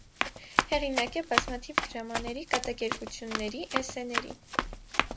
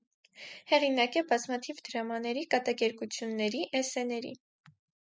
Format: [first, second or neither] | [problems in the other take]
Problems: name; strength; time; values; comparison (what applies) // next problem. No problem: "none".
second | background sound (Run); 2 dB above the speech